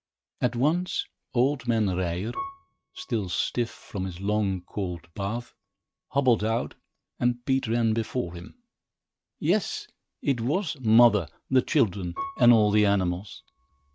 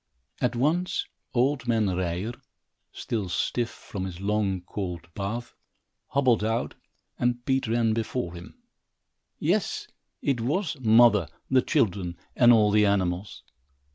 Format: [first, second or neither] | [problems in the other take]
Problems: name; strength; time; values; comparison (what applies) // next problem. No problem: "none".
second | noise reduction (neural mask model RNNoise)